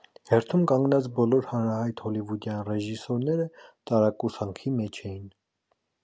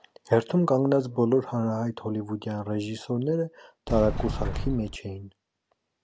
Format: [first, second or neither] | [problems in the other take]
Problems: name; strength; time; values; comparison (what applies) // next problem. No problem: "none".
first | background sound (Sliding door); 3 dB below the speech